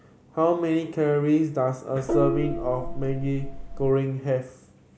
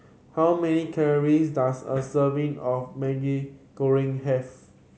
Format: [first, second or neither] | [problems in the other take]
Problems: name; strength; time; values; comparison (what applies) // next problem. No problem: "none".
second | background sound (Gong); 3 dB below the speech